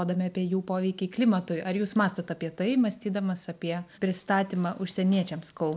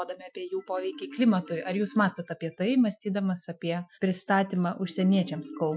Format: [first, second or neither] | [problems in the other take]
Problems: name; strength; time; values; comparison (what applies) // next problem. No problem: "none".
first | noise reduction (classical method Wiener filter)